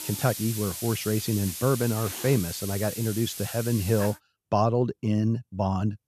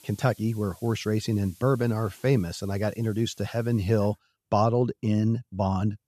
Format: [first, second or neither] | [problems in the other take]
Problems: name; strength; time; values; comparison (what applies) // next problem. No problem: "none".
second | hiss; loud; until 4 s; 7 dB below the speech; faint in the second